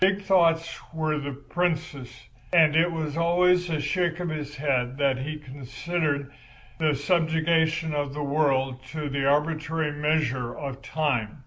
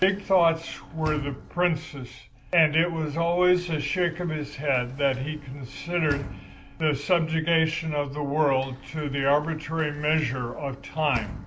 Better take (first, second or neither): first